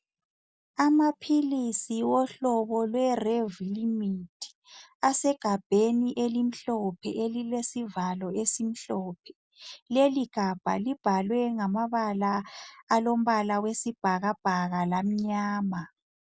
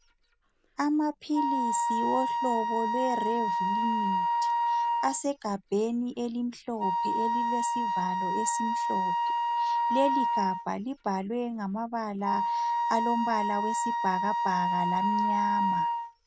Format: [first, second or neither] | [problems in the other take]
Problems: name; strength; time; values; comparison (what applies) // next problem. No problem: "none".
first | background sound (Wind instrument, woodwind instrument); 3 dB above the speech